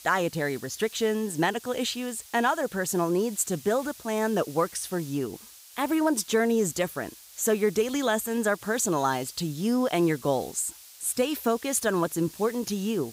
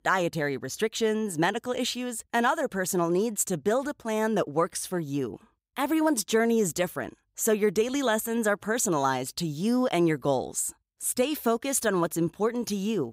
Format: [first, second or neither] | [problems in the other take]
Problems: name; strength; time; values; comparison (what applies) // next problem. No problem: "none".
second | hiss; noticeable; throughout; 20 dB below the speech